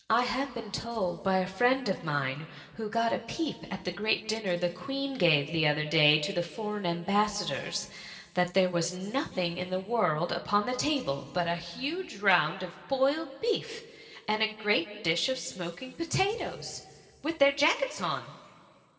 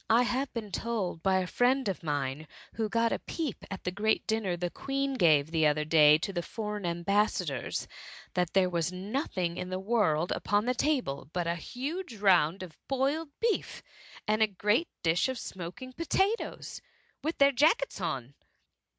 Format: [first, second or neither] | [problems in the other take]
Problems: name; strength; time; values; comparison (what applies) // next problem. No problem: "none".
second | room echo; dies away in 2.5 s